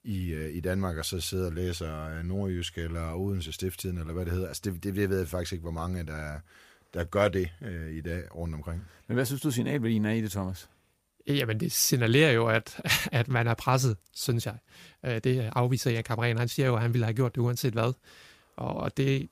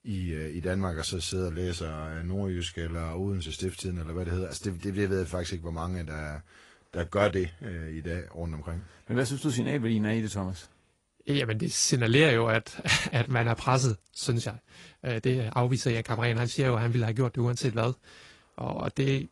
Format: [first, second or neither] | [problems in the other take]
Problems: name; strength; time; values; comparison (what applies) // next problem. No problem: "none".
first | garbled, watery; slightly; nothing above 11 kHz